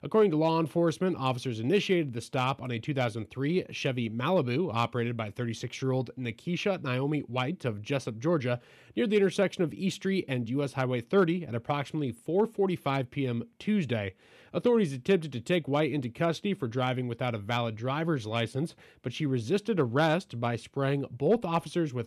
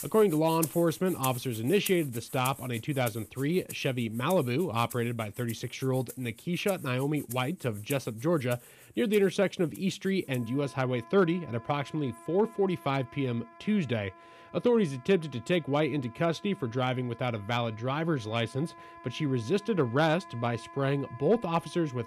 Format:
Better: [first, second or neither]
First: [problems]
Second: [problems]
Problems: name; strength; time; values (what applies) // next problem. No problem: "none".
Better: first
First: none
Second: background music; noticeable; throughout; 15 dB below the speech